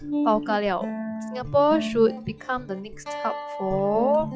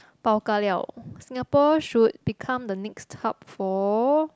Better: second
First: noise reduction (classical method log-MMSE)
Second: none

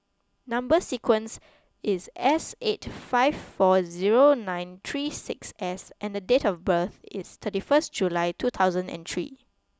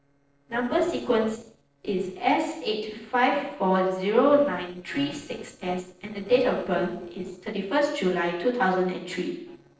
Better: first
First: none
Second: noise reduction (neural separator model SepFormer DNS4)

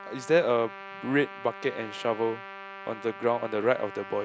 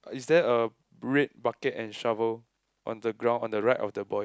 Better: second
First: background sound (Trumpet); 14 dB below the speech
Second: none

